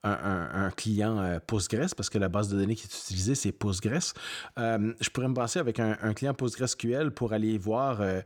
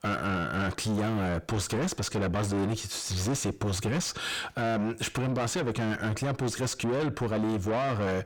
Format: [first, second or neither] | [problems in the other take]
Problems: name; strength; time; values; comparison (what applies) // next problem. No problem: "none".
first | distortion; heavy; 5 dB below the speech